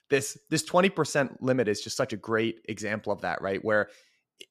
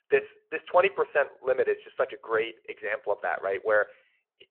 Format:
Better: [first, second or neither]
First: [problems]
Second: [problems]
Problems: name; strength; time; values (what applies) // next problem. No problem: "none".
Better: first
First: none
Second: phone-call audio